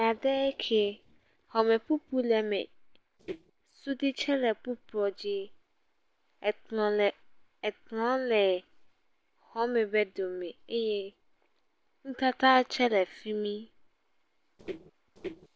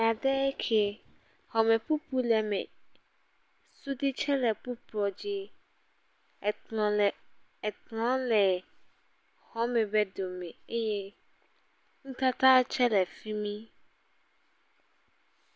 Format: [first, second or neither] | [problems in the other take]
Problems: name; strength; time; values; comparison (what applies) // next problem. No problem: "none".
second | noise reduction (neural separator model SepFormer DNS4)